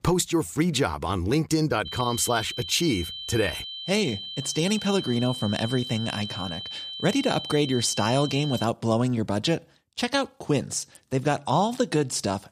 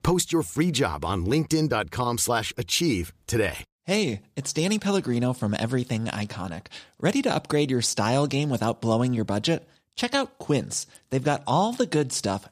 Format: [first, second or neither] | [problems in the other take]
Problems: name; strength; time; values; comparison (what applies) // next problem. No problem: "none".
second | high-pitched whine; loud; from 2 to 8.5 s; 3 kHz, 8 dB below the speech